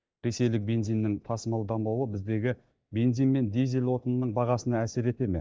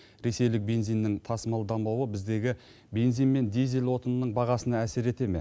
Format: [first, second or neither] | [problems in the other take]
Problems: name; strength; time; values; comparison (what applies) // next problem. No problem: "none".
second | noise reduction (neural mask model DeepFilterNet 3)